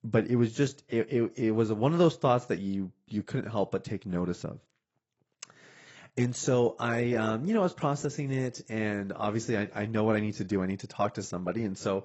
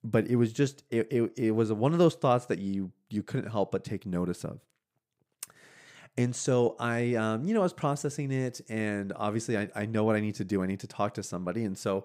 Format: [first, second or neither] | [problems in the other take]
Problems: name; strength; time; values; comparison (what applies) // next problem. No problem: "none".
second | garbled, watery; badly; nothing above 8 kHz